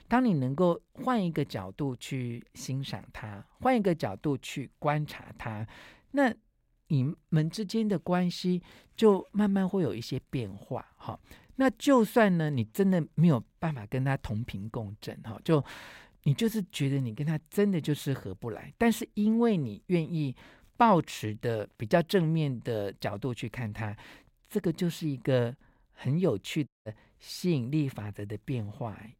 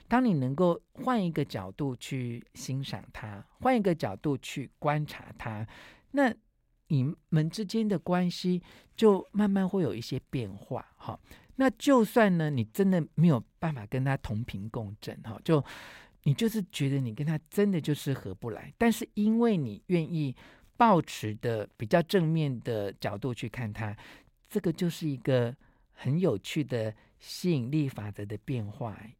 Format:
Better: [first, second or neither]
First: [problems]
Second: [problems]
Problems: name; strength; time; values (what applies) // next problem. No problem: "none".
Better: second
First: audio cutting out; at 27 s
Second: none